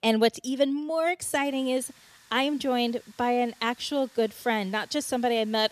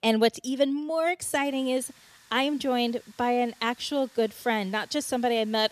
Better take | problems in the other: neither | hiss; faint; from 1.5 s on; 25 dB below the speech; the same in both

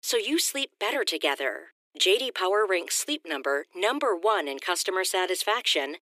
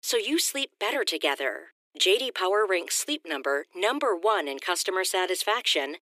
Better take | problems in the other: neither | thin; very; fading below 300 Hz; the same in both

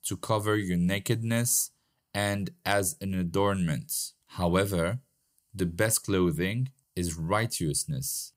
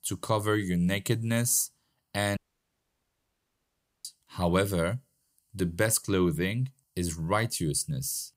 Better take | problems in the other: first | audio cutting out; at 2.5 s for 1.5 s

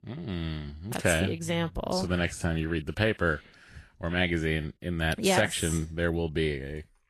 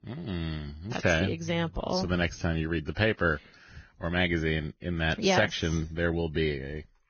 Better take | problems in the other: first | garbled, watery; badly; nothing above 6.5 kHz; slightly in the first

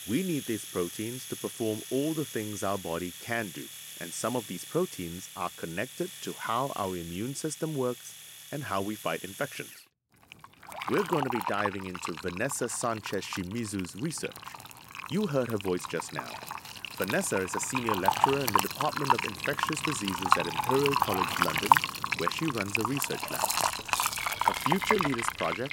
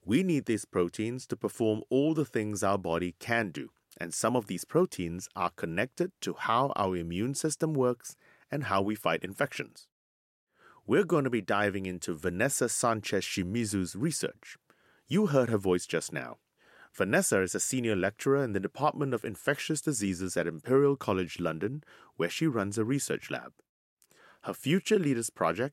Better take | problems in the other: second | household noises; very loud; throughout; 1 dB above the speech

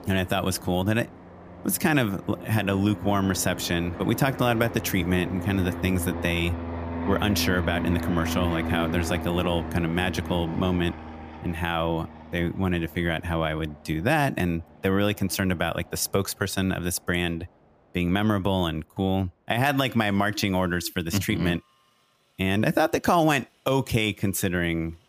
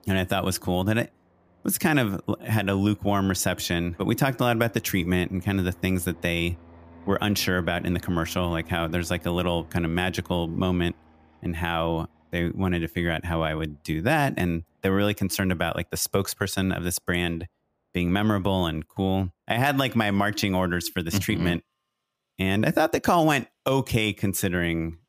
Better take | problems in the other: second | train or aircraft noise; loud; throughout; 9 dB below the speech; faint in the second

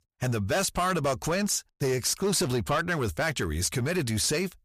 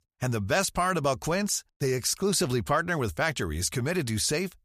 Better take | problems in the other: second | distortion; slight; 10% of the sound clipped

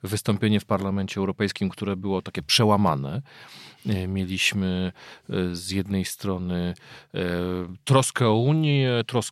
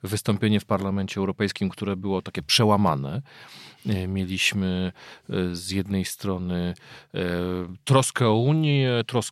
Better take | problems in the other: neither | none

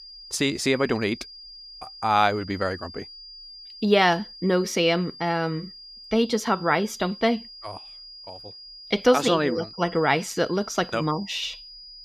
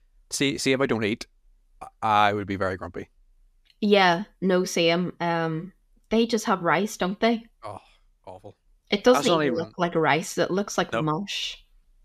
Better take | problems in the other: second | high-pitched whine; noticeable; throughout; 5 kHz, 15 dB below the speech

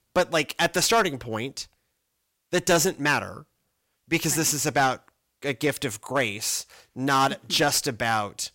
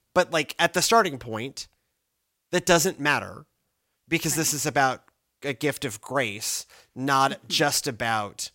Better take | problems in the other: second | distortion; slight; 3% of the sound clipped

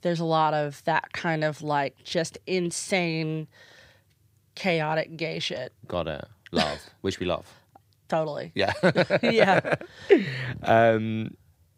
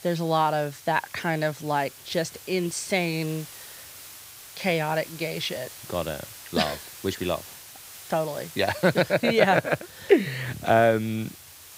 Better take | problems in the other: first | hiss; noticeable; throughout; 15 dB below the speech

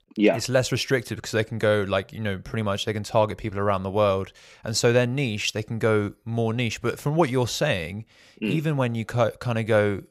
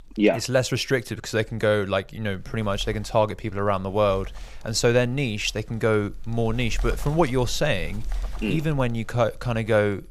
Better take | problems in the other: first | wind noise on the microphone; occasional gusts; 25 dB below the speech

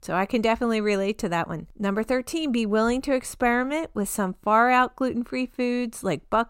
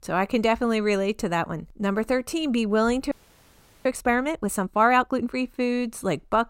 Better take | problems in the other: first | audio freezing; at 3 s for 0.5 s

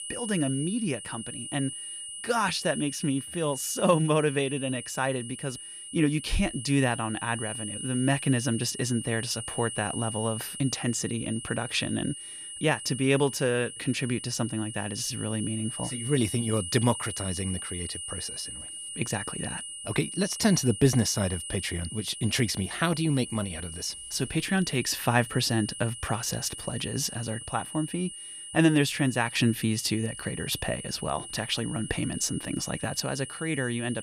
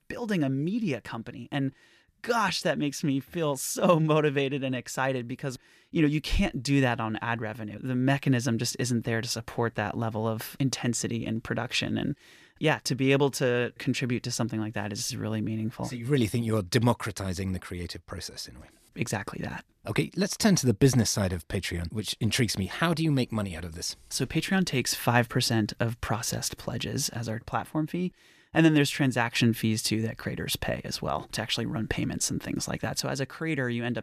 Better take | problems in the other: second | high-pitched whine; loud; throughout; 3 kHz, 8 dB below the speech

